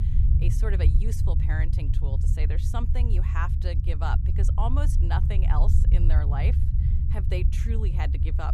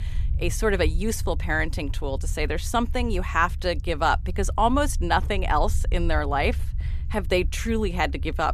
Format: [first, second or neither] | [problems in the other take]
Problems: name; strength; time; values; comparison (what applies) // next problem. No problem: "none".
second | low rumble; loud; throughout; 4 dB below the speech; faint in the second